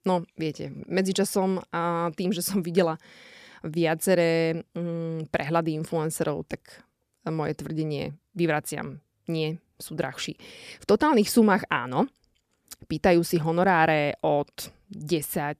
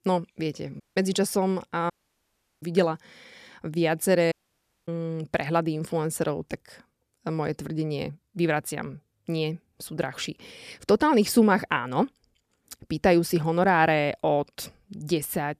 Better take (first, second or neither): first